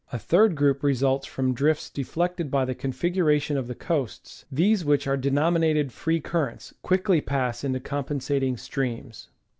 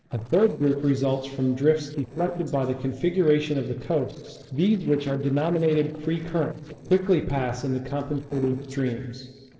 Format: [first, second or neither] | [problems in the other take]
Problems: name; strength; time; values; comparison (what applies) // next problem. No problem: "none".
first | noise reduction (neural separator model SepFormer DNS4)